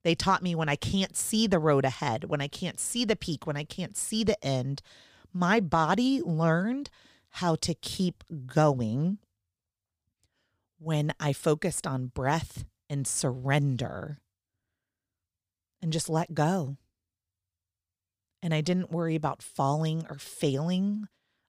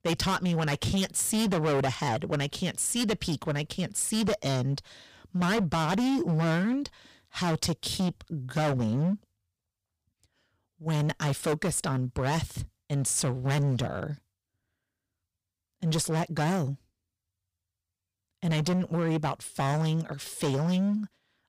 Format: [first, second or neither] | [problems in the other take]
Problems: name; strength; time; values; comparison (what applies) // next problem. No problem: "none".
first | distortion; heavy; 15% of the sound clipped